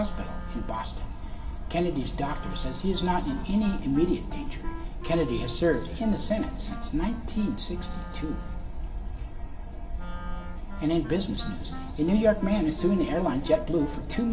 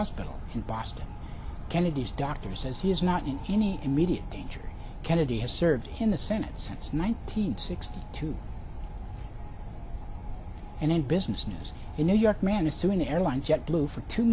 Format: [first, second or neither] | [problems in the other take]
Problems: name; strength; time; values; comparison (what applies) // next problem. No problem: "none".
second | background sound (Wind instrument, woodwind instrument); 16 dB below the speech // room echo; dies away in 2.6 s